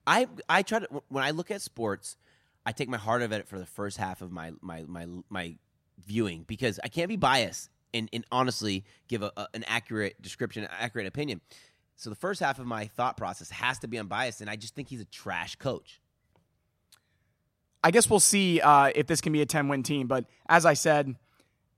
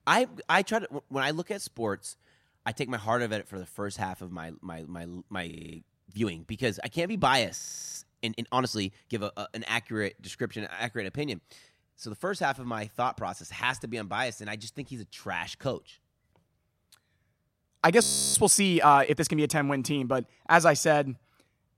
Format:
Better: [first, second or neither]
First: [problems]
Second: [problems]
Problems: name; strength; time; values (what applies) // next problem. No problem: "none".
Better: first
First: none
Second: audio freezing; at 5.5 s, at 7.5 s and at 18 s